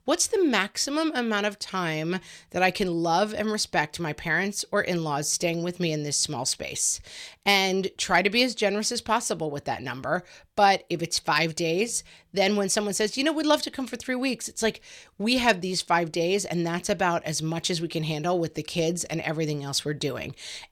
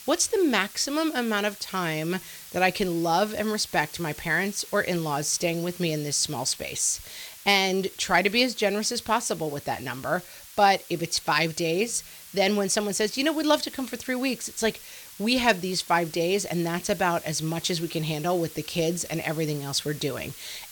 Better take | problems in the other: first | hiss; noticeable; throughout; 15 dB below the speech

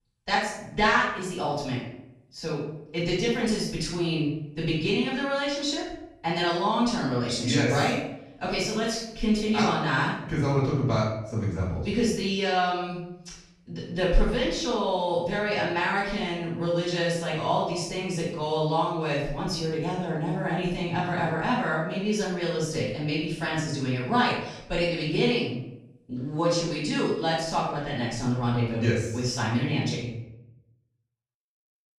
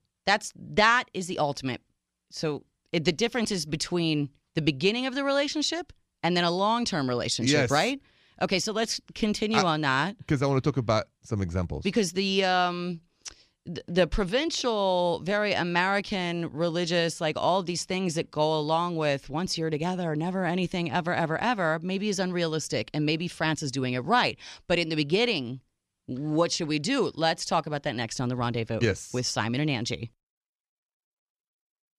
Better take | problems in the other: second | off-mic speech; far // room echo; noticeable; dies away in 0.7 s

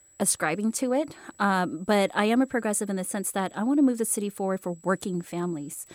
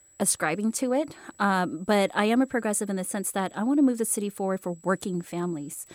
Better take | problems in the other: neither | high-pitched whine; faint; throughout; 8 kHz, 30 dB below the speech; the same in both

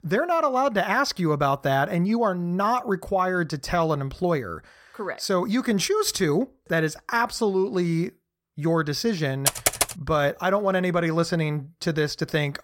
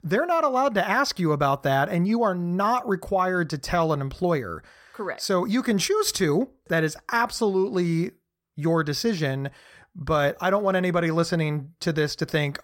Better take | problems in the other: second | keyboard typing; loud; at 9.5 s; peak 2 dB above the speech

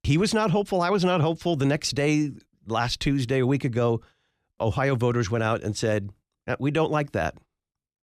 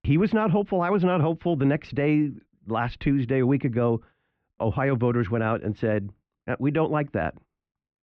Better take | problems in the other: first | muffled; very; fading above 2.5 kHz

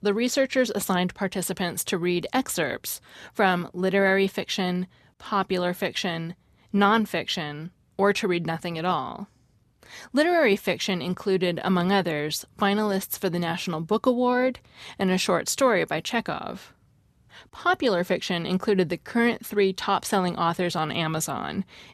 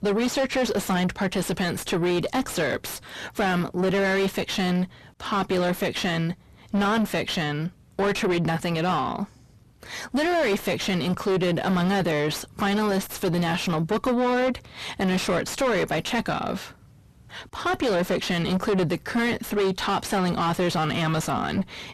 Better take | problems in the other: first | distortion; heavy; 5 dB below the speech

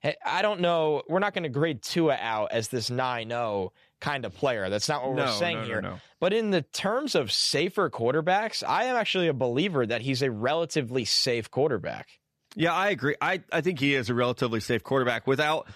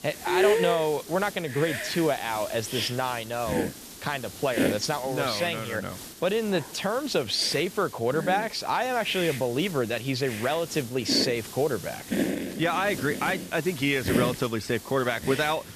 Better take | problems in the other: first | hiss; loud; throughout; 6 dB below the speech

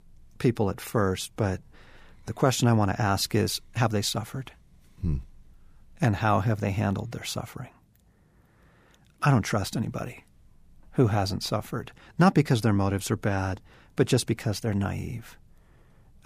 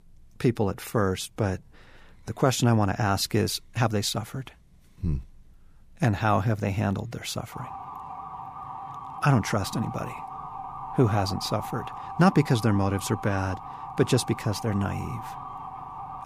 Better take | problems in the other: first | siren; faint; from 7.5 s on; peak 10 dB below the speech

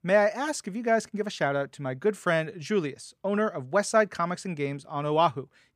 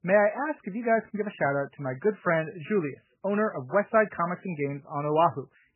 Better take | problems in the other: first | garbled, watery; badly; nothing above 3 kHz

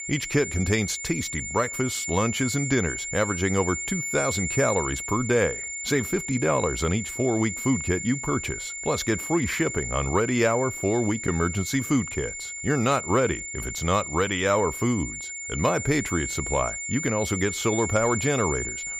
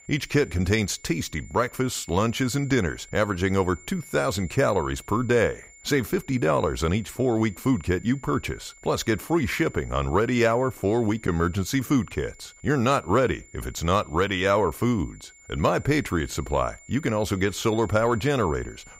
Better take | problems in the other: second | high-pitched whine; loud; throughout; 2 kHz, 5 dB below the speech; faint in the second

